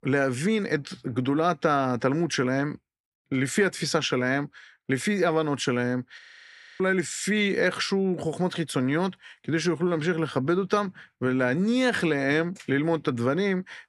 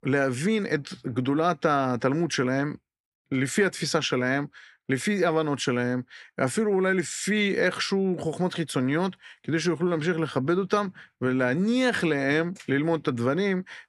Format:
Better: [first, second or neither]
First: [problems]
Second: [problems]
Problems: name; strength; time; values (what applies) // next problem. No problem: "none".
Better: second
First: audio freezing; at 6 s for 0.5 s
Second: none